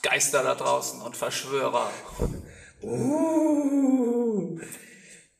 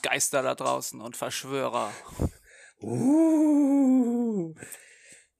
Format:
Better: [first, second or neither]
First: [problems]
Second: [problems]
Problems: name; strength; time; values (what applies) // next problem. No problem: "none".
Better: second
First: room echo; slight; dies away in 0.6 s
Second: none